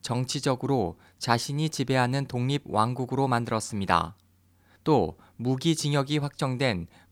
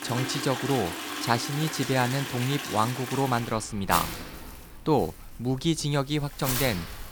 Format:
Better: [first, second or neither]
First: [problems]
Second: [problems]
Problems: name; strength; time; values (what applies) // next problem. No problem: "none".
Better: first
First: none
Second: household noises; loud; throughout; 5 dB below the speech